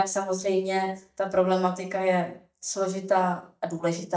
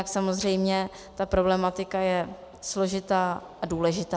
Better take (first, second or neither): second